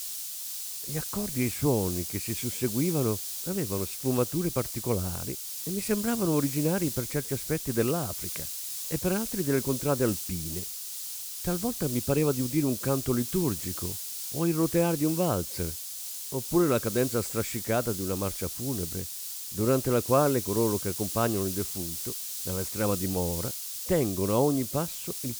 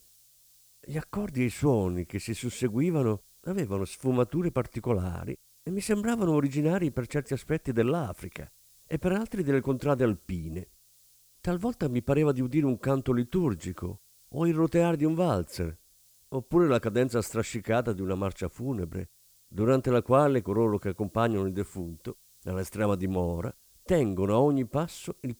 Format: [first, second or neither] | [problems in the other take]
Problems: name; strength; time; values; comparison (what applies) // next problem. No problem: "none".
second | hiss; loud; throughout; 4 dB below the speech; faint in the second